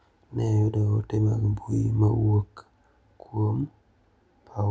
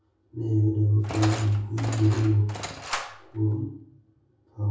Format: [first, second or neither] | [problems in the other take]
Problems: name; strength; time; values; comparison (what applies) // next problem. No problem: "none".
first | background sound (Engine); 11 dB below the speech // room echo; dies away in 0.6 s